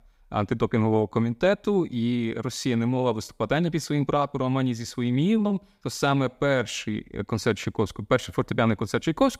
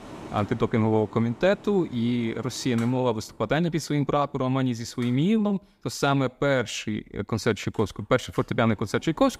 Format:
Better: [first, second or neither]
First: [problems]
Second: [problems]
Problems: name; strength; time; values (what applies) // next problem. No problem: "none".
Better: first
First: none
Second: machinery noise; faint; throughout; 20 dB below the speech